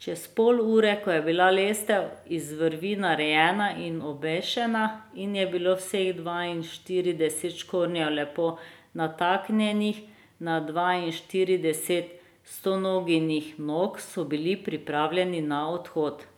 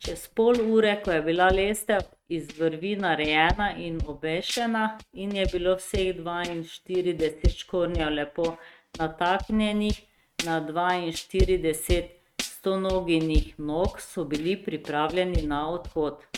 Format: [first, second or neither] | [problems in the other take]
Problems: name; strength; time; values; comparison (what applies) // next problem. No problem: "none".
first | noise reduction (neural mask model RNNoise)